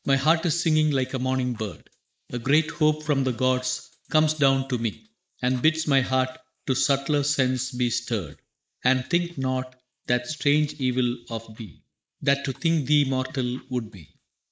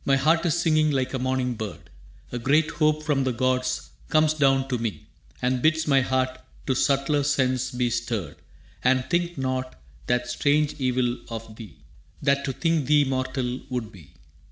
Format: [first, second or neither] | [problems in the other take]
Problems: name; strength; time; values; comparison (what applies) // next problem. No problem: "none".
second | noise reduction (neural mask model Resemble Enhance denoiser)